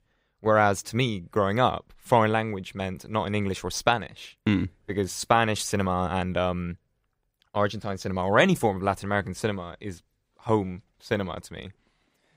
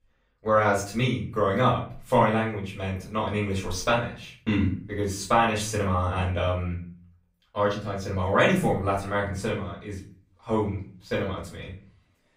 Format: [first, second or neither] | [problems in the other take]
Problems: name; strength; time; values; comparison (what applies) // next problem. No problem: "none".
first | off-mic speech; far // room echo; slight; dies away in 0.4 s